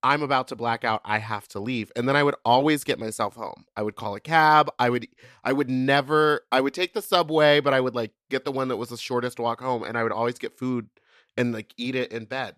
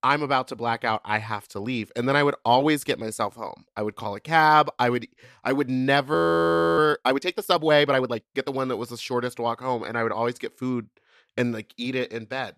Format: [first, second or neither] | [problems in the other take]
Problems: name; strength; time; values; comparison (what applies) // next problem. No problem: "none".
first | audio freezing; at 6 s for 0.5 s